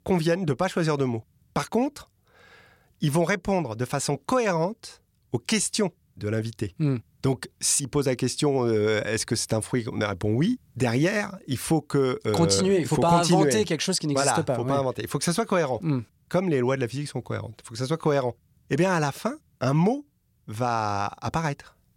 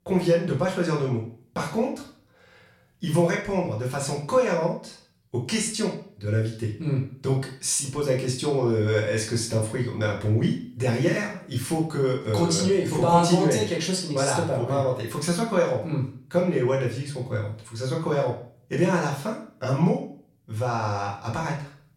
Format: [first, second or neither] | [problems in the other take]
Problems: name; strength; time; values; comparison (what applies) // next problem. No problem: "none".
first | room echo; slight; dies away in 0.4 s // off-mic speech; far